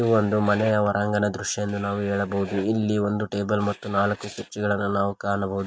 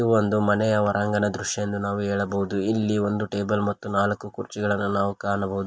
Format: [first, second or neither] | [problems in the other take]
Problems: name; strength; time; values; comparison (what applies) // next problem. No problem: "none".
second | noise reduction (neural mask model RNNoise)